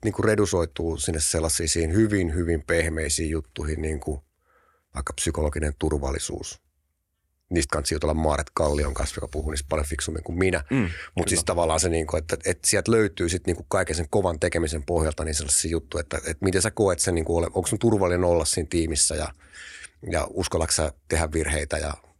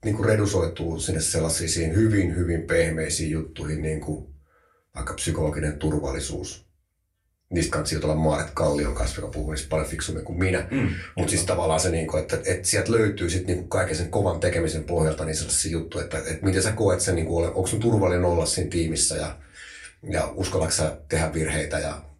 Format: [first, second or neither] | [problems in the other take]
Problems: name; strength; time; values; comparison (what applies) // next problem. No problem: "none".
first | off-mic speech; far // room echo; very slight; dies away in 0.2 s